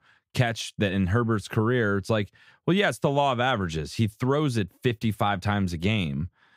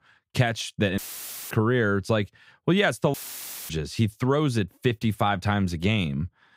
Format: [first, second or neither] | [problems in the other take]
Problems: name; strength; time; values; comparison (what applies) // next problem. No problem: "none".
first | audio cutting out; filled with static; at 1 s for 0.5 s and at 3 s for 0.5 s